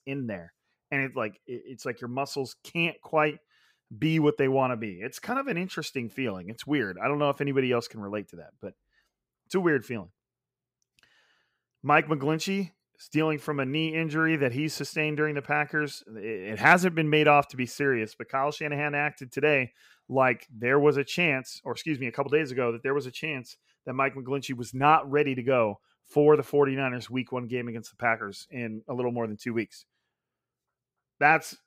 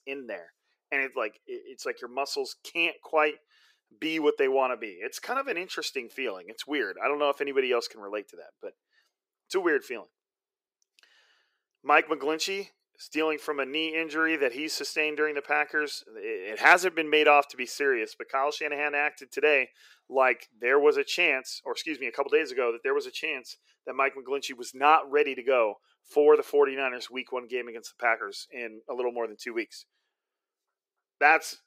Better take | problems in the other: first | thin; somewhat; fading below 350 Hz

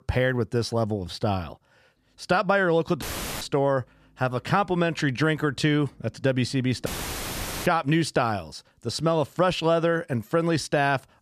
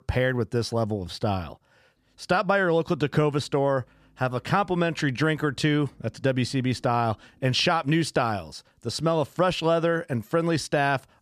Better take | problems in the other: second | audio cutting out; filled with static; at 3 s and at 7 s for 1 s

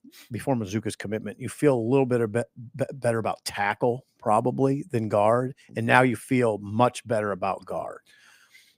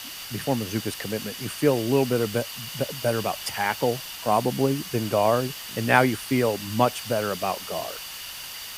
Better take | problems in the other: first | hiss; loud; throughout; 9 dB below the speech

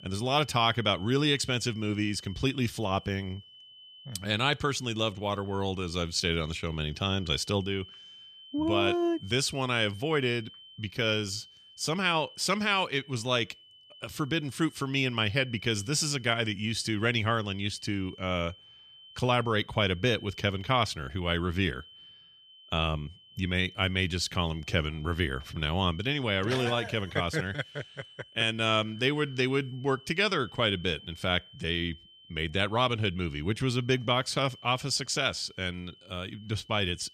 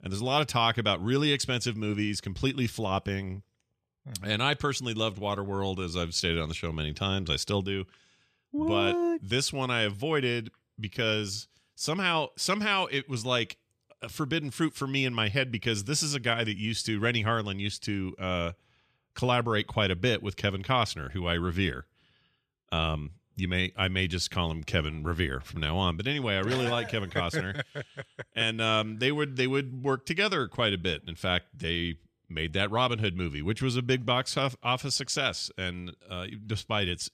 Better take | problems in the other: second | high-pitched whine; faint; throughout; 3 kHz, 20 dB below the speech

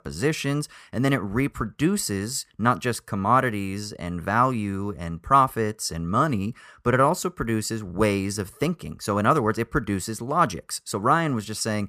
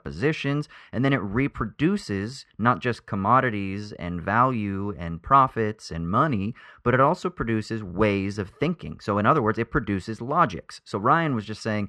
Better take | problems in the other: first | muffled; slightly; fading above 3 kHz

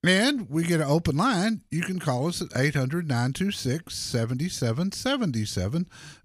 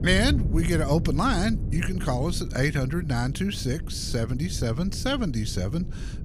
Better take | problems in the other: first | wind noise on the microphone; occasional gusts; 15 dB below the speech

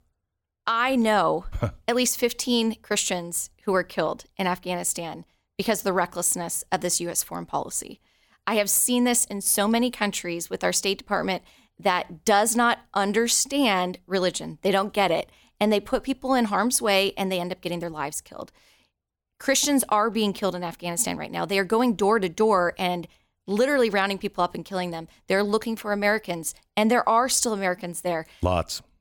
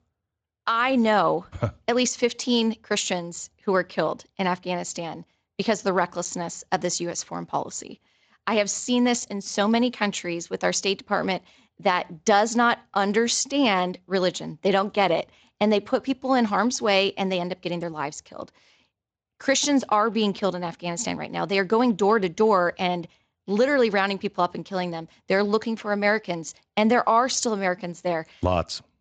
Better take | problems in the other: first | garbled, watery; slightly; nothing above 7.5 kHz

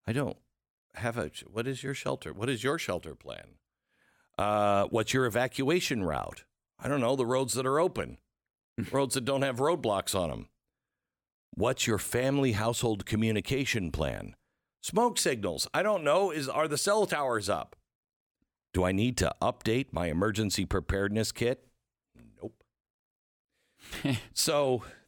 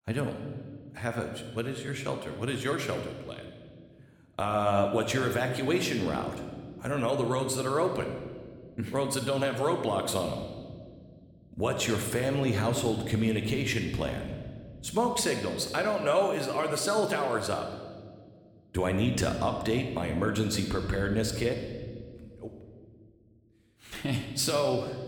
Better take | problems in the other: first | room echo; slight; dies away in 1.5 s

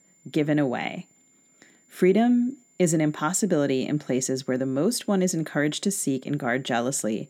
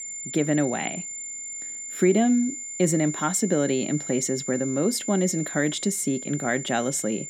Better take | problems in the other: first | high-pitched whine; loud; throughout; 7 kHz, 8 dB below the speech; faint in the first

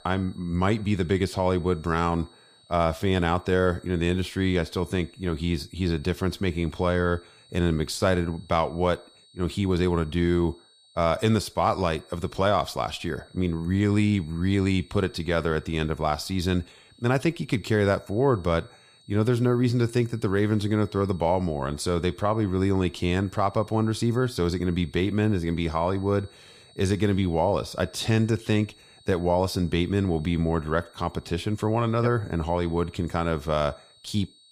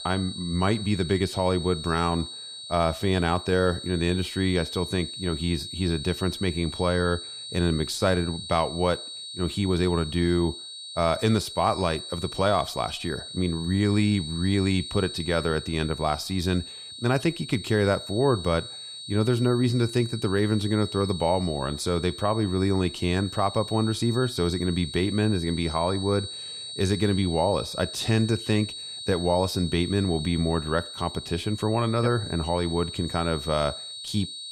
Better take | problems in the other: first | high-pitched whine; loud; throughout; 4 kHz, 9 dB below the speech; faint in the first

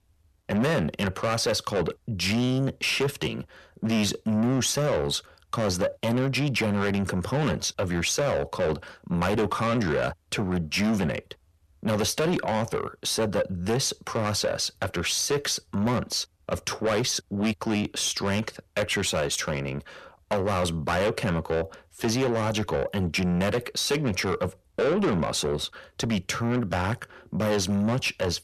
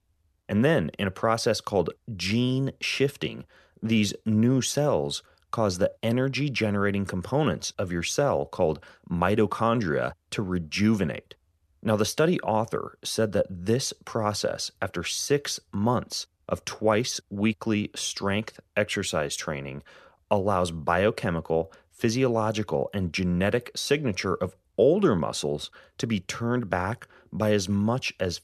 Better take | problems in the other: second | distortion; heavy; 6 dB below the speech

